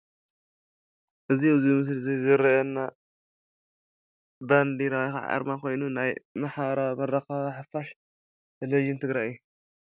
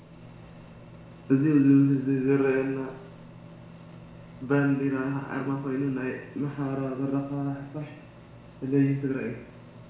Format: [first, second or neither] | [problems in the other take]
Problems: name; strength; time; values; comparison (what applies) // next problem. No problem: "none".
first | background sound (Microwave oven); 19 dB below the speech // room echo; dies away in 0.6 s